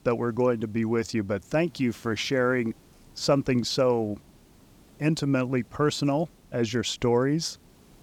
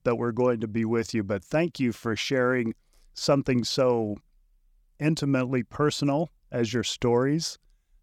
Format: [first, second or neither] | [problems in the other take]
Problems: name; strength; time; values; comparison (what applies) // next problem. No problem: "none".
second | hiss; faint; throughout; 30 dB below the speech